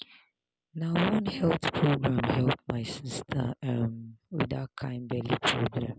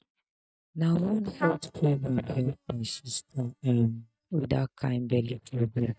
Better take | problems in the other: first | noise reduction (neural mask model DeepFilterNet 3)

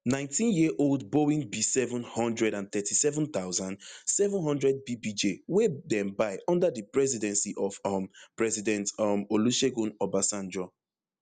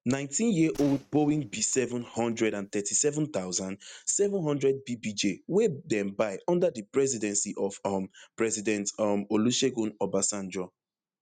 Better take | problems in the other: first | noise reduction (neural mask model RNNoise)

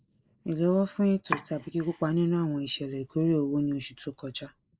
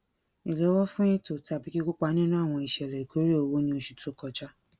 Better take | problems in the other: second | noise reduction (neural mask model Resemble Enhance denoiser)

